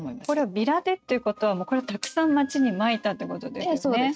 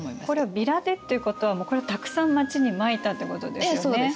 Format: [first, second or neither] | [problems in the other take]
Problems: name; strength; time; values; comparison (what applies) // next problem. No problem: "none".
second | noise reduction (neural mask model RNNoise)